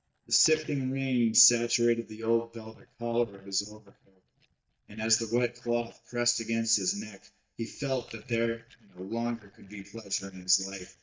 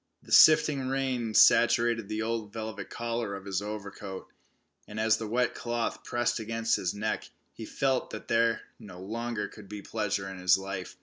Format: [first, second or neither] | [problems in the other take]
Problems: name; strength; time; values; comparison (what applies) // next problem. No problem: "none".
second | noise reduction (neural mask model DeepFilterNet 3)